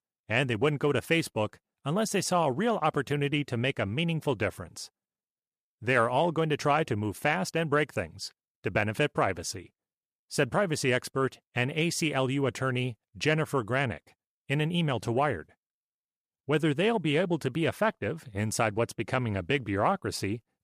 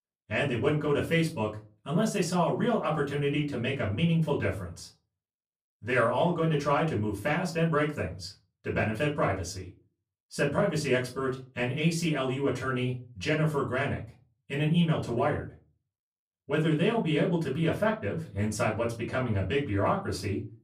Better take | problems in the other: first | off-mic speech; far // room echo; very slight; dies away in 0.3 s

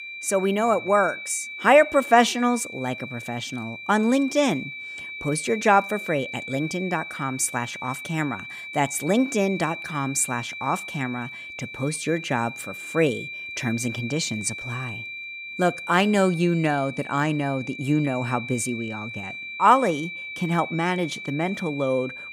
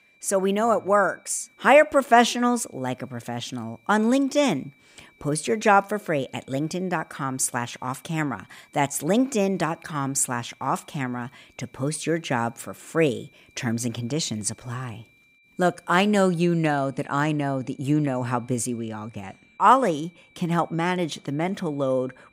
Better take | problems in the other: second | high-pitched whine; loud; throughout; 2.5 kHz, 10 dB below the speech; faint in the second

